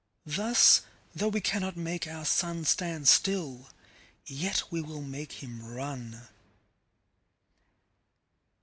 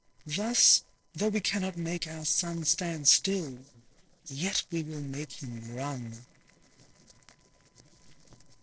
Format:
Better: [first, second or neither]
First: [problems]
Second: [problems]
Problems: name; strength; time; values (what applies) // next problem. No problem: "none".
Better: first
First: none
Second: noise reduction (neural separator model SepFormer DNS4)